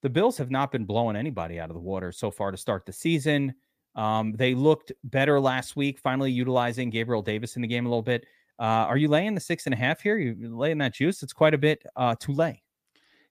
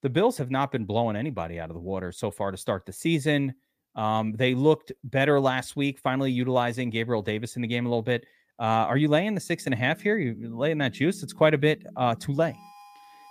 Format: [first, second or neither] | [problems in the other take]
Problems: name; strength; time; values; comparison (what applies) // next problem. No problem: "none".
first | background music; faint; from 10 s on; 20 dB below the speech